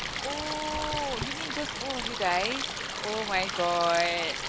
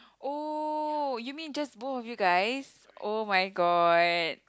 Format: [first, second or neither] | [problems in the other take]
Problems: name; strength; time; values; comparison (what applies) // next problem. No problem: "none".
second | background sound (Stream); 3 dB below the speech